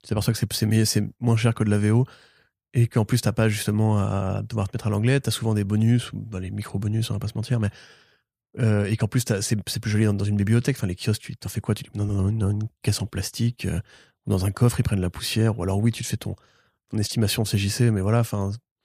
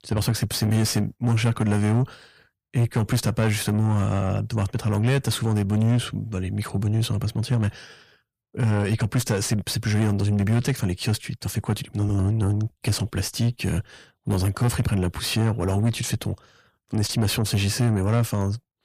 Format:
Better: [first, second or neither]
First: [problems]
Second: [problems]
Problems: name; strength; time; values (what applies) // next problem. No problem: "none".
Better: first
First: none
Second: distortion; slight; 10 dB below the speech